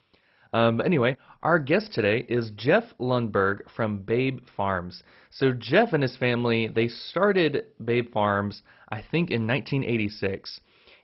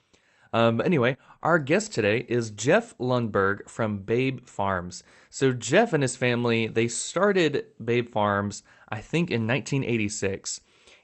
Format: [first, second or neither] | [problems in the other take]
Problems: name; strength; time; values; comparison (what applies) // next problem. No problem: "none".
second | garbled, watery; badly; nothing above 5.5 kHz; slightly in the second